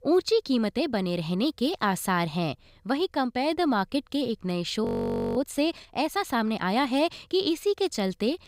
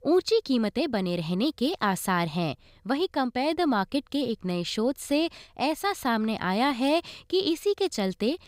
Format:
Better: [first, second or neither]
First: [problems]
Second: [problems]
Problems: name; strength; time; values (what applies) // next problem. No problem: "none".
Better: second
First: audio freezing; at 5 s for 0.5 s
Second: none